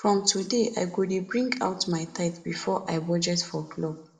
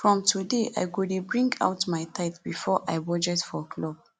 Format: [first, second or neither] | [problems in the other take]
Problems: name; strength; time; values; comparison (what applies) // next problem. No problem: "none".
second | room echo; dies away in 0.7 s